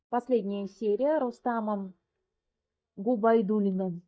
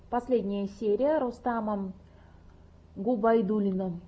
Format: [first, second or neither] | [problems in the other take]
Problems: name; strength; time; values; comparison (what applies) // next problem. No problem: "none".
second | noise reduction (neural mask model DeepFilterNet 3)